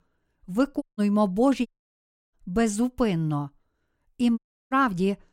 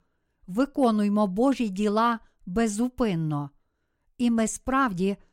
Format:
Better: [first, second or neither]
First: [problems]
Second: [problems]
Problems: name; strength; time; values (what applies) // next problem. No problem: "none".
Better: second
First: audio cutting out; at 1 s, at 1.5 s for 0.5 s and at 4.5 s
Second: none